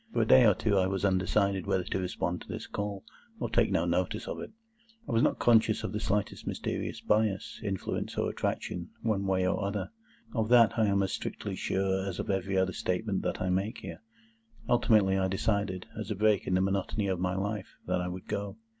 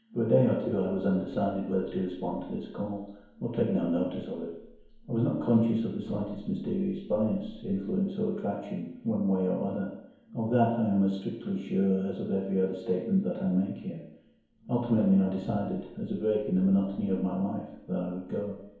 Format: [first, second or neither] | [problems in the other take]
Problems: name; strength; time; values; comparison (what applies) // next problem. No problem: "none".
first | room echo; dies away in 1 s